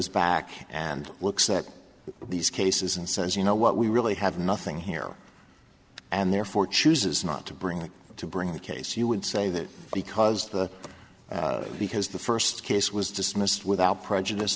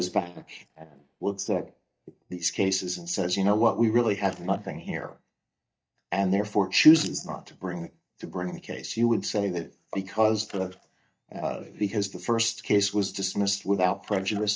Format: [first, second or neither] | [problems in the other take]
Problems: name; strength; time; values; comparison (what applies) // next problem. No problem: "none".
first | noise reduction (neural mask model DeepFilterNet 3)